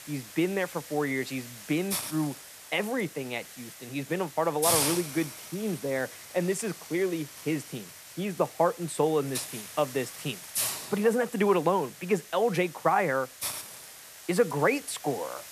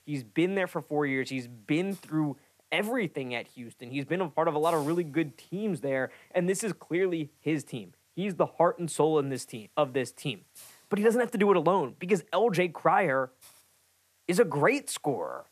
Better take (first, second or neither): second